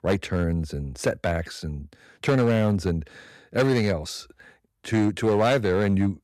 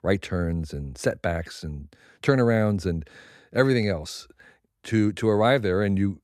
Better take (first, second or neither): second